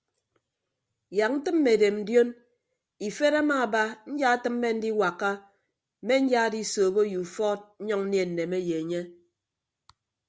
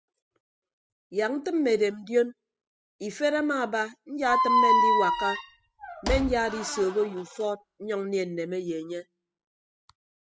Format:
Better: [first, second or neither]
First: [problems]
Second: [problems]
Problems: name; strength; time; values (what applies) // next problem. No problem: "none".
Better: first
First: none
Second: noise reduction (classical method spectral subtraction)